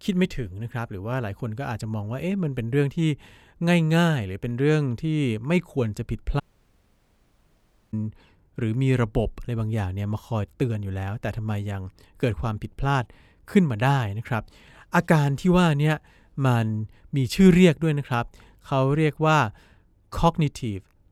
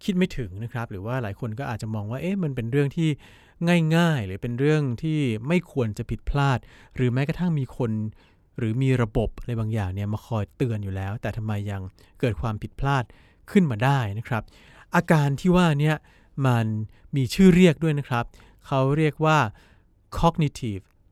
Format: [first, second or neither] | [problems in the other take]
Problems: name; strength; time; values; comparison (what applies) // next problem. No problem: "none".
second | audio cutting out; at 6.5 s for 1.5 s